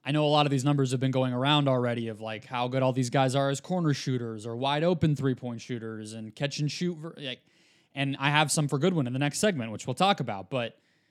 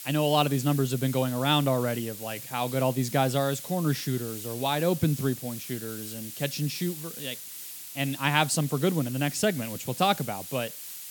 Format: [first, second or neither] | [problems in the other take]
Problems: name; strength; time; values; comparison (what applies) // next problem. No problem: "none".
first | hiss; noticeable; throughout; 10 dB below the speech